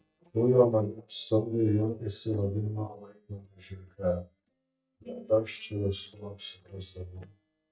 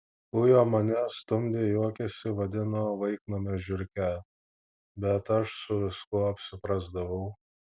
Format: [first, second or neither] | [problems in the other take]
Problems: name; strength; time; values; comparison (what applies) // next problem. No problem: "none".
second | noise reduction (neural mask model DeepFilterNet 3)